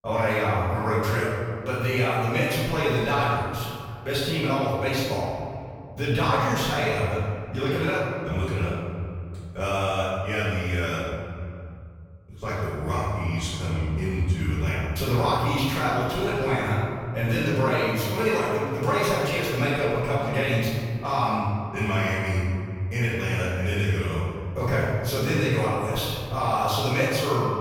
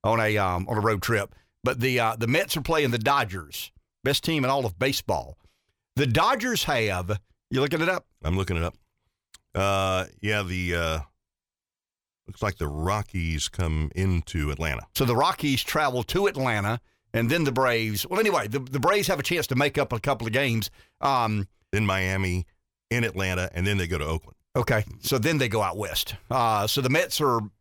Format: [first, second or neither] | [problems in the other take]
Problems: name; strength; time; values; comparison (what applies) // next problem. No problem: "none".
second | room echo; strong; dies away in 2.6 s // off-mic speech; far